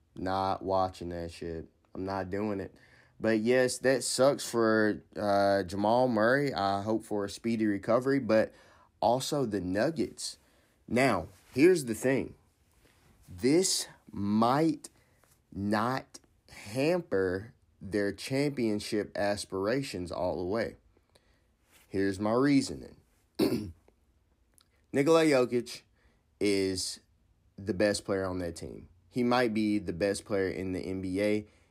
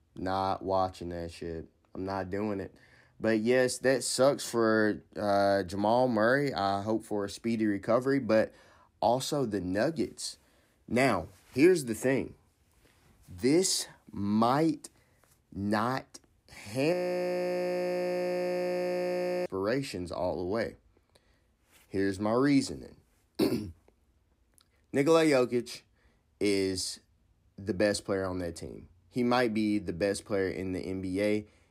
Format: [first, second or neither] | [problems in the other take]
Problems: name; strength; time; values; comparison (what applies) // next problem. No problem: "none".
first | audio freezing; at 17 s for 2.5 s